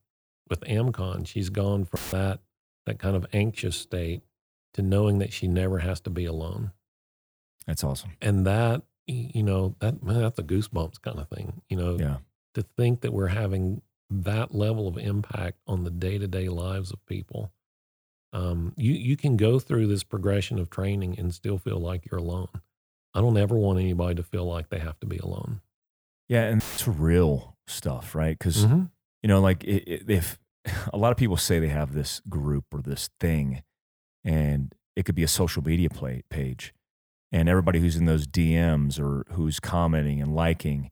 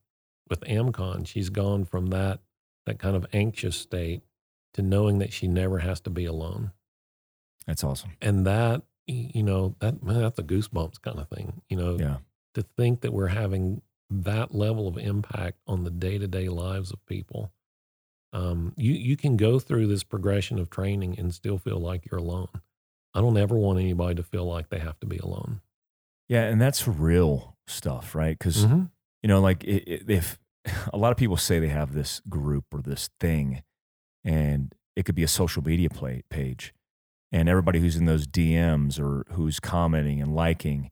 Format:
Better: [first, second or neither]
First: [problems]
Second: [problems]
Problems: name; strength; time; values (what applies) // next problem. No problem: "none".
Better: second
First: audio cutting out; filled with static; at 2 s and at 27 s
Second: none